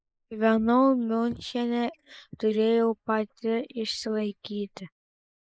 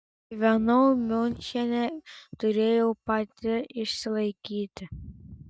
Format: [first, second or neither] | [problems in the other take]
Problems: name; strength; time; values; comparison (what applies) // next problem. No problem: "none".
second | noise reduction (neural mask model Resemble Enhance denoiser)